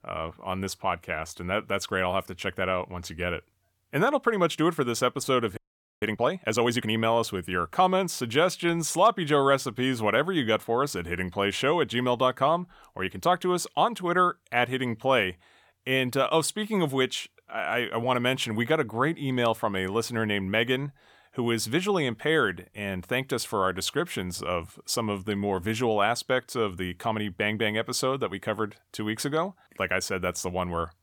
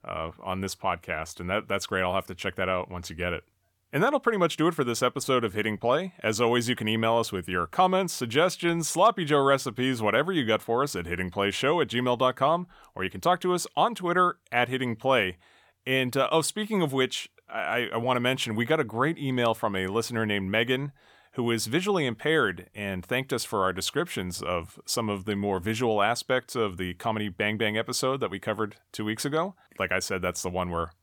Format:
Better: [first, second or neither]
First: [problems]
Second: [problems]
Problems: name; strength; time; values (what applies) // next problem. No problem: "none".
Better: second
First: audio freezing; at 5.5 s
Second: none